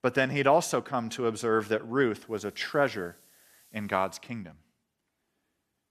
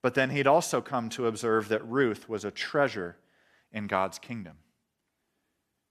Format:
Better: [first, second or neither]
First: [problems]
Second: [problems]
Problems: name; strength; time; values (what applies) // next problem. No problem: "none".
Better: second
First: hiss; very faint; from 2.5 to 4 s; 30 dB below the speech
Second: none